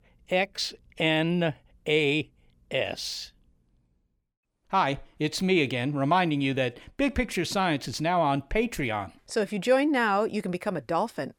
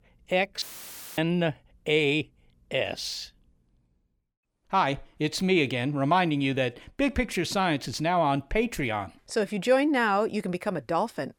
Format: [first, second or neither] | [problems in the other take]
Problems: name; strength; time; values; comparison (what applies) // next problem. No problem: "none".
first | audio cutting out; filled with static; at 0.5 s for 0.5 s